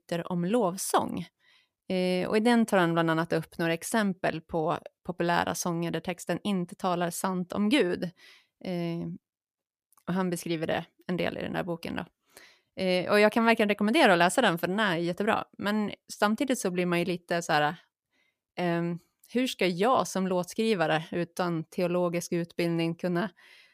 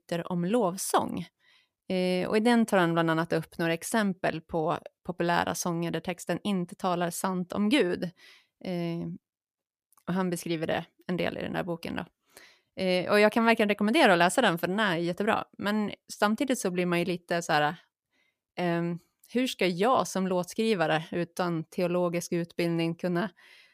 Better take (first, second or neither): neither